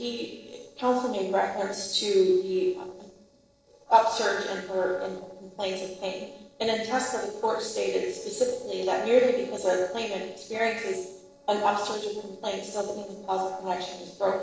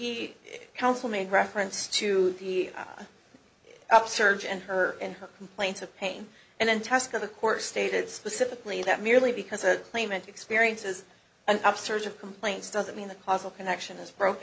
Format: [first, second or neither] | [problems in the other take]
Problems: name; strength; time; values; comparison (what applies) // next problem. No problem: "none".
second | noise reduction (neural separator model SepFormer DNS4)